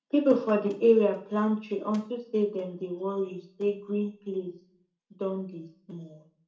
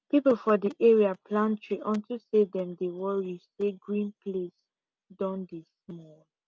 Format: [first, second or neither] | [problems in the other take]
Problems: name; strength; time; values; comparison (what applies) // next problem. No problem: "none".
second | room echo; dies away in 0.4 s